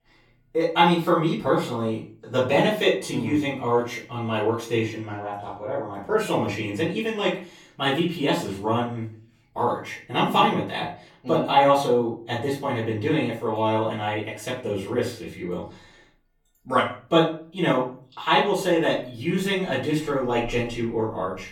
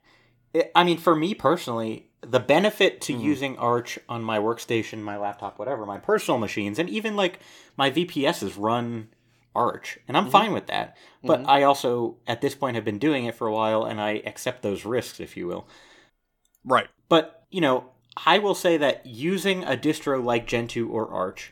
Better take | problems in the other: second | off-mic speech; far // room echo; slight; dies away in 0.4 s

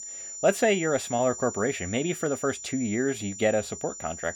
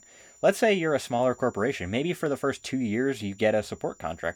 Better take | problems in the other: second | high-pitched whine; loud; throughout; 7 kHz, 9 dB below the speech; faint in the second

